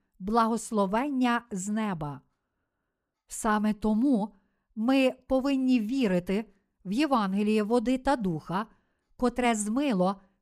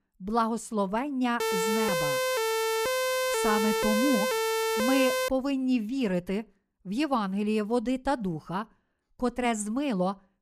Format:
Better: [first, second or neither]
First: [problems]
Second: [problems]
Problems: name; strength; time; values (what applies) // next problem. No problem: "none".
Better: first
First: none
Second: siren; loud; from 1.5 to 5.5 s; peak 2 dB above the speech